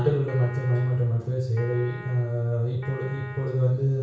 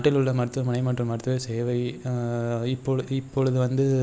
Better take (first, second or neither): second